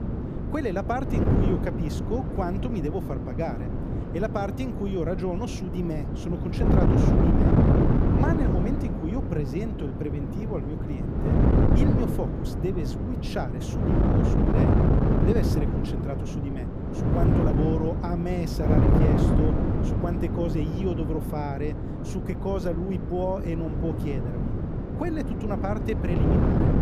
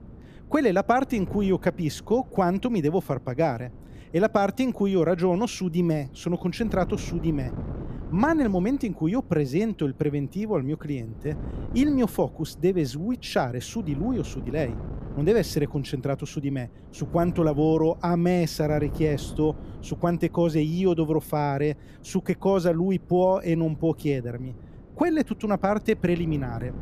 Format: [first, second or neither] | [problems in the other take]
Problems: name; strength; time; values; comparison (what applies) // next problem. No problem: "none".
second | wind noise on the microphone; heavy; 1 dB above the speech; occasional gusts in the second